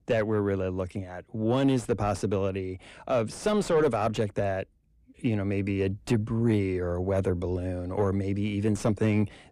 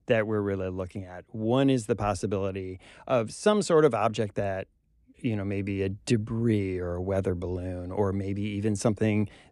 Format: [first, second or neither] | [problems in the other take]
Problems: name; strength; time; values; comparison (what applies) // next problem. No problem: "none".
second | distortion; slight; 10 dB below the speech